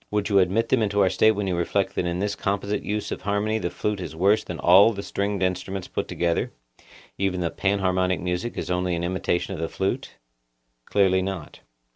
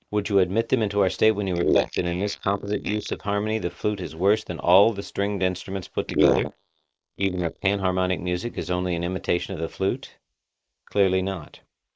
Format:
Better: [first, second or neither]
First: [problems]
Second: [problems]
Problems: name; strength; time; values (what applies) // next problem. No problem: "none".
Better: first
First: none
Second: noise reduction (neural mask model Resemble Enhance denoiser)